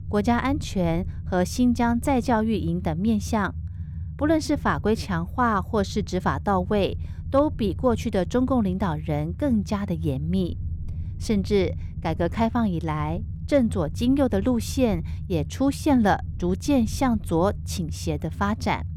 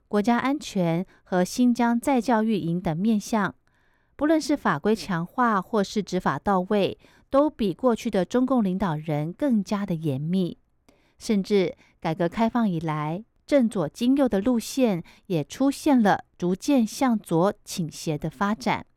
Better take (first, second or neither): second